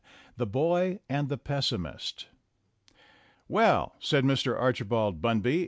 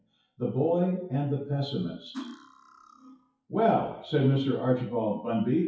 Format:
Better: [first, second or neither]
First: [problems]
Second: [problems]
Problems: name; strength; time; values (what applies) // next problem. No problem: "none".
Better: first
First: none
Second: noise reduction (classical method WPE with log-MMSE)